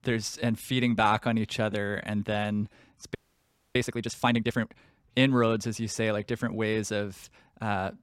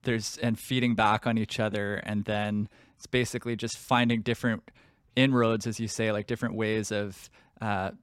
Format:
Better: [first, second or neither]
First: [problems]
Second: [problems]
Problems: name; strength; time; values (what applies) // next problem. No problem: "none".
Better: second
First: audio freezing; at 3 s for 0.5 s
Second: none